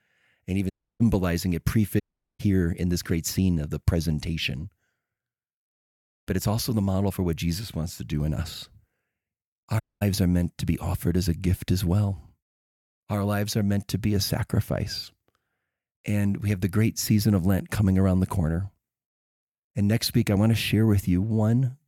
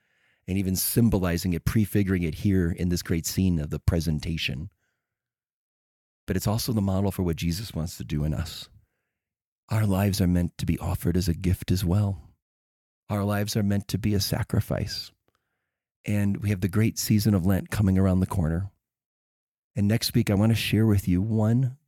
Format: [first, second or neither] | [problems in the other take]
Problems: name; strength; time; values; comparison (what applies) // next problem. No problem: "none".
second | audio cutting out; at 0.5 s, at 2 s and at 10 s